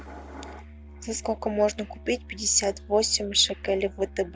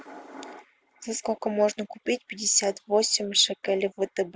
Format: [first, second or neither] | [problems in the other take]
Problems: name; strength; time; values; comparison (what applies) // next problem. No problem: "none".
second | background sound (Musical instrument); 16 dB below the speech